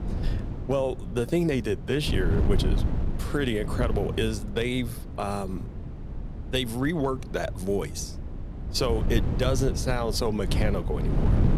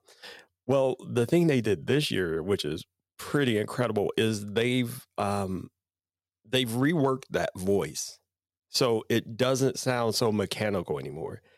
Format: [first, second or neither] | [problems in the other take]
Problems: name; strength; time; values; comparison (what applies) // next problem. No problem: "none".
second | wind noise on the microphone; occasional gusts; 10 dB below the speech